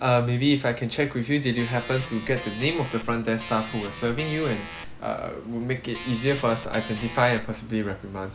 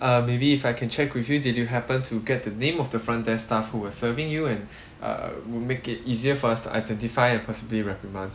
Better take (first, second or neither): second